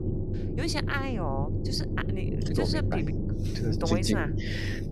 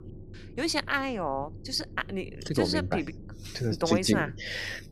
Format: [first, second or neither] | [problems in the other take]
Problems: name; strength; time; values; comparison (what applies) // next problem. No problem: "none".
second | low rumble; loud; throughout; 6 dB below the speech; faint in the second